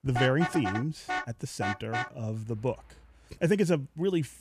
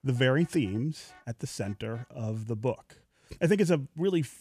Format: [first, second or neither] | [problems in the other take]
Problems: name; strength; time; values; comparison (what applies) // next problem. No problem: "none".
second | traffic noise; loud; throughout; 4 dB below the speech; faint in the second